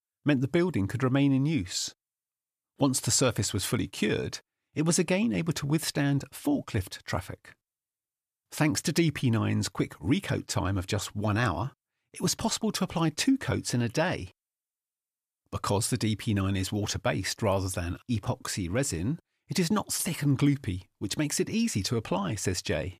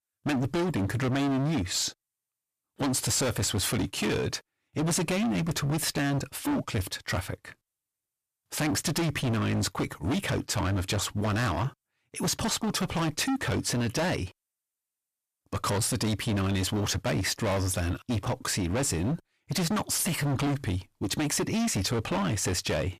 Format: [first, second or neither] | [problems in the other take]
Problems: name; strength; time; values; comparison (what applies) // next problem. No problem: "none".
first | distortion; heavy; 26% of the sound clipped